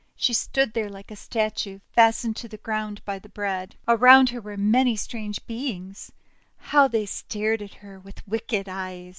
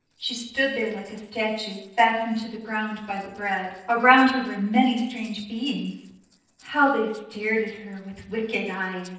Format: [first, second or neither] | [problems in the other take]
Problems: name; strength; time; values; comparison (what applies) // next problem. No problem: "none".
first | noise reduction (neural separator model SepFormer DNS4)